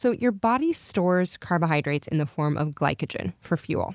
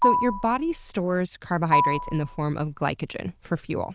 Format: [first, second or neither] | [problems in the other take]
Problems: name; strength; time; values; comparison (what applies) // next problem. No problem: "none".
first | noise reduction (neural diffusion model UNIVERSE++)